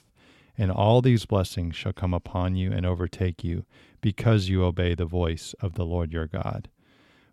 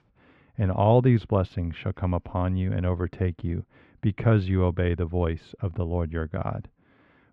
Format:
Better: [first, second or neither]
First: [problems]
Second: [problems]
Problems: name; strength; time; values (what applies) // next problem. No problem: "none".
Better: first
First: none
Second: muffled; very; fading above 1.5 kHz